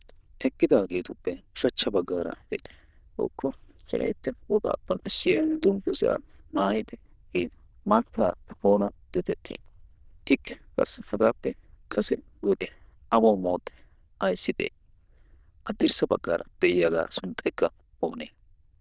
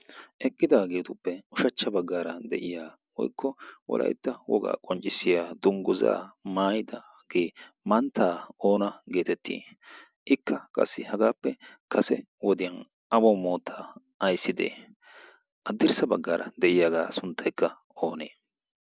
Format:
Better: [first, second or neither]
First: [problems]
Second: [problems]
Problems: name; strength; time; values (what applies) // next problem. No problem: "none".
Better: second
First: noise reduction (neural diffusion model UNIVERSE++)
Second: none